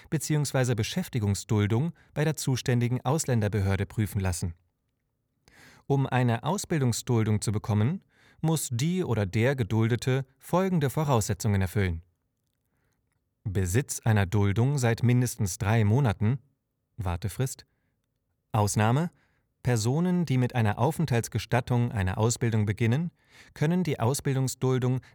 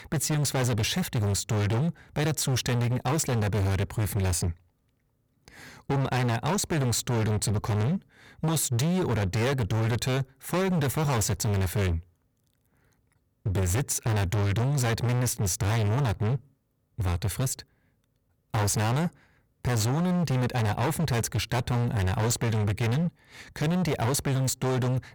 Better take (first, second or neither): first